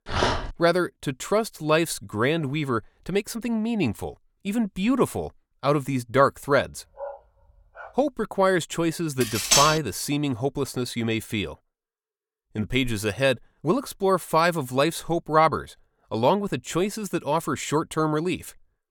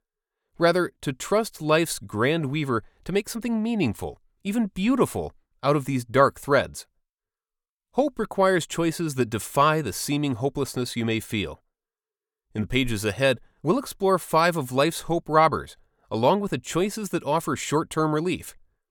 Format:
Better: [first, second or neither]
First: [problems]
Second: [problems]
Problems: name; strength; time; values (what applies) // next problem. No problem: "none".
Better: second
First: dog barking; loud; at the start; peak level with the speech // dog barking; faint; at 7 s; peak 15 dB below the speech // clattering dishes; loud; at 9 s; peak 6 dB above the speech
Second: none